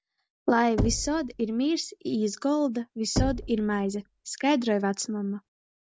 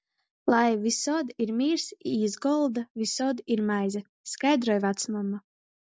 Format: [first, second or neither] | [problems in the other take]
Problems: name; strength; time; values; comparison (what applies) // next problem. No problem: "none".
second | background sound (Knock / Wood); 8 dB below the speech